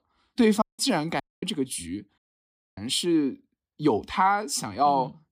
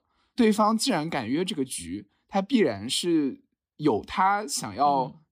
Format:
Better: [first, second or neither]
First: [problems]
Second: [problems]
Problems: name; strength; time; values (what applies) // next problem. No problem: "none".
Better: second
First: audio cutting out; at 0.5 s, at 1 s and at 2 s for 0.5 s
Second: none